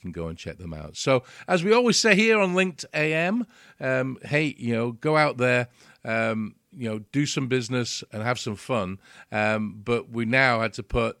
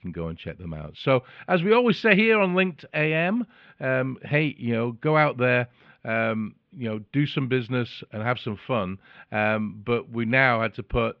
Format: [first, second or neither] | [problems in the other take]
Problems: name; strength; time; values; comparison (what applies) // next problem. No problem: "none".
first | muffled; very; fading above 3.5 kHz